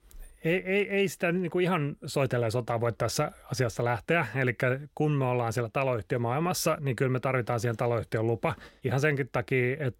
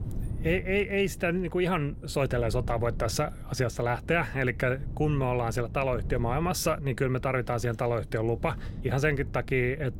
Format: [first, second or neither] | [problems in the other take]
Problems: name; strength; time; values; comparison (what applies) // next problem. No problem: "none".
first | low rumble; faint; throughout; 20 dB below the speech